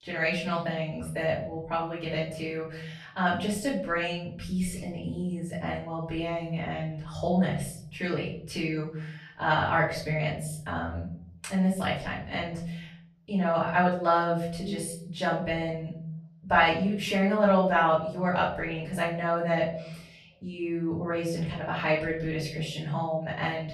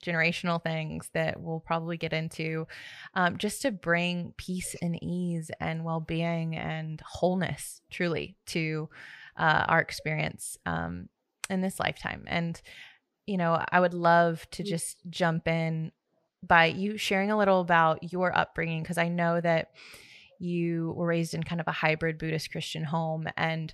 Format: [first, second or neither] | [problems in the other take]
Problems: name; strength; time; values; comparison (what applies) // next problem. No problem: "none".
second | off-mic speech; far // room echo; noticeable; dies away in 0.7 s